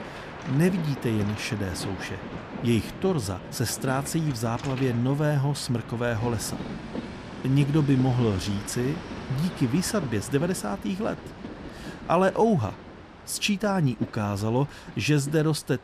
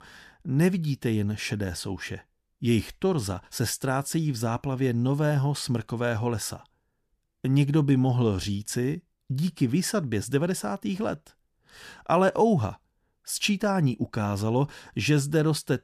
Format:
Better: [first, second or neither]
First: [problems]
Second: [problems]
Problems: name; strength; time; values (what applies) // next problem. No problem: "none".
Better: second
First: train or aircraft noise; noticeable; throughout; 10 dB below the speech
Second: none